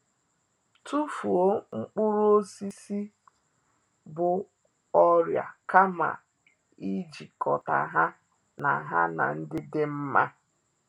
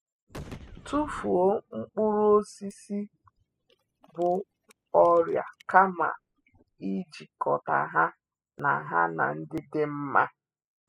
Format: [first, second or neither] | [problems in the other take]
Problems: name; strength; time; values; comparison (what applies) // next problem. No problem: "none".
first | noise reduction (classical method spectral subtraction)